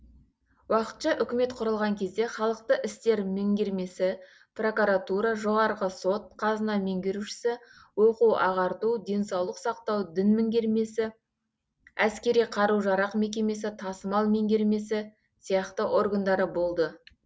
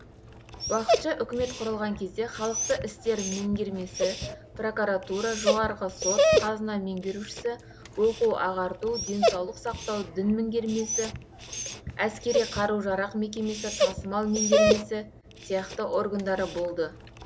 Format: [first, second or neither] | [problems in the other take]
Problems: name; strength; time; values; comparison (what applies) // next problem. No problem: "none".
first | background sound (Dog); 1 dB below the speech